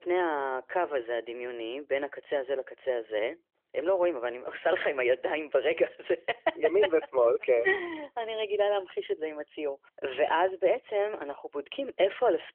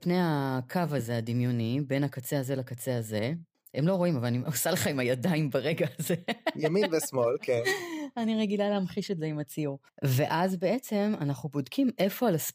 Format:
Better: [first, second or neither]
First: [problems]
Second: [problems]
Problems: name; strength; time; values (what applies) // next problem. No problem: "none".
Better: second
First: phone-call audio; nothing above 3.5 kHz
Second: none